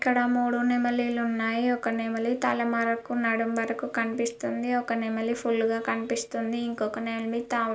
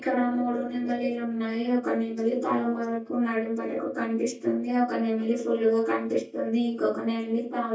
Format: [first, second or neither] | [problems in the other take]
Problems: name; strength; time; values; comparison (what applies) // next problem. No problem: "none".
first | noise reduction (neural mask model DeepFilterNet 3)